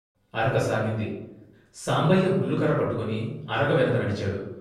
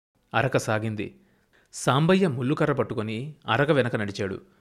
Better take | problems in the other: second | off-mic speech; far // room echo; noticeable; dies away in 0.7 s

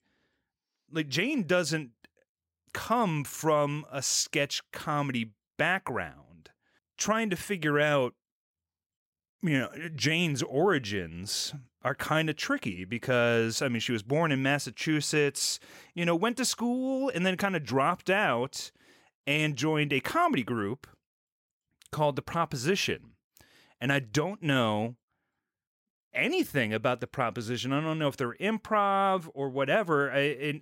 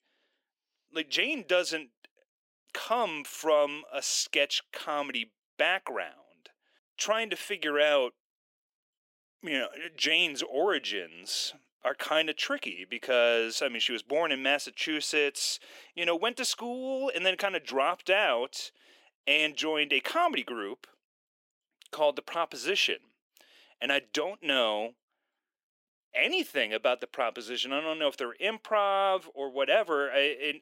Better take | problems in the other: first | thin; somewhat; fading below 300 Hz

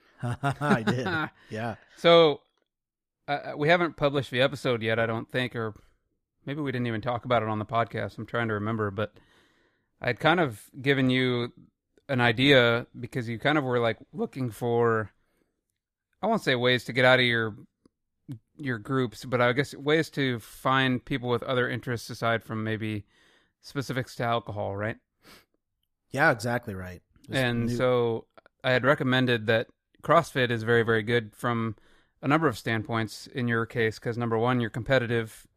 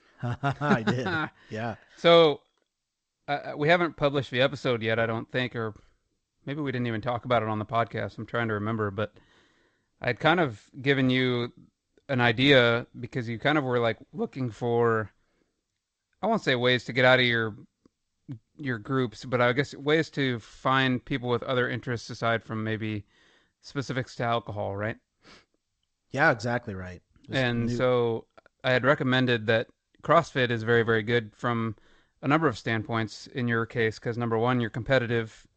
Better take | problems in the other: first | garbled, watery; slightly; nothing above 8 kHz

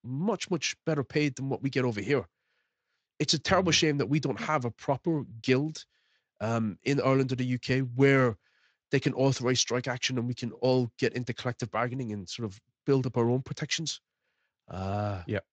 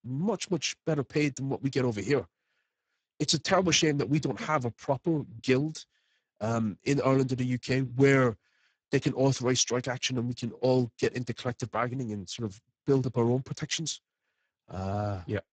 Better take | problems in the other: first | garbled, watery; badly; slightly in the first

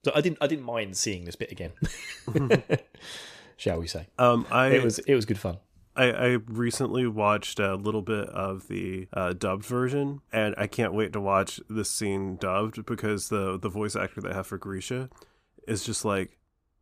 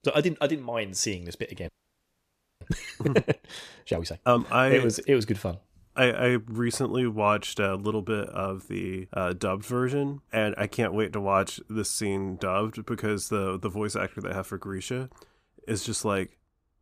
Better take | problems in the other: first | audio freezing; at 1.5 s for 1 s

